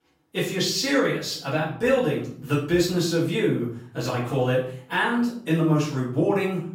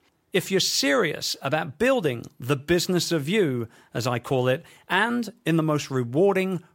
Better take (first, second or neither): second